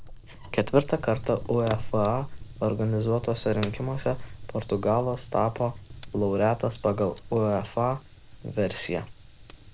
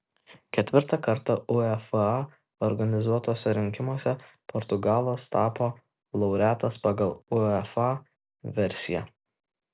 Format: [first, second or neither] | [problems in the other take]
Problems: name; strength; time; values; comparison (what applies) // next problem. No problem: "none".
second | background sound (Fire); 12 dB below the speech